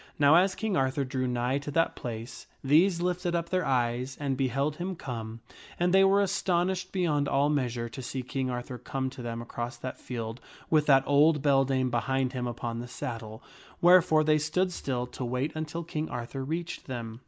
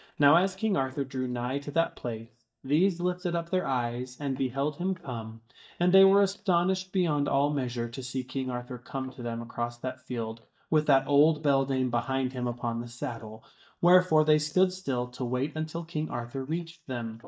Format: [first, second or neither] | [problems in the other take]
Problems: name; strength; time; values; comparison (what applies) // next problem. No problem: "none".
first | noise reduction (neural mask model DeepFilterNet 3)